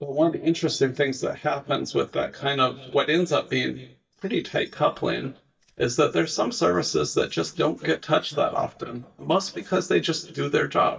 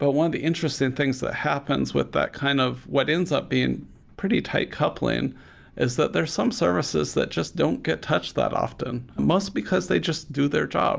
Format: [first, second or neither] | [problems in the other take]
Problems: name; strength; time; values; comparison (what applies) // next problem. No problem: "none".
second | noise reduction (neural mask model DeepFilterNet 3)